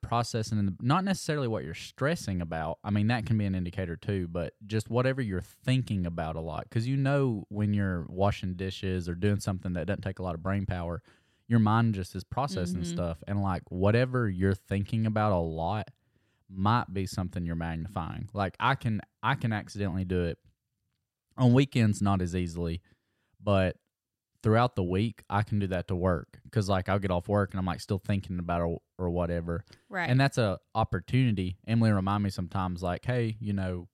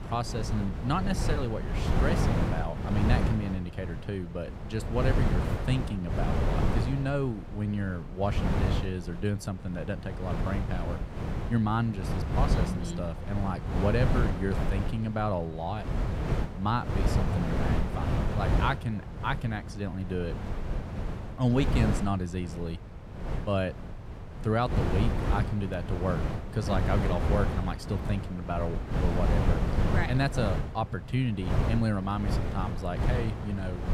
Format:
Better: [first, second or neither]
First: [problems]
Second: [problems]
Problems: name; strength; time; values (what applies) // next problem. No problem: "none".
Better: first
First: none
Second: wind noise on the microphone; heavy; 3 dB below the speech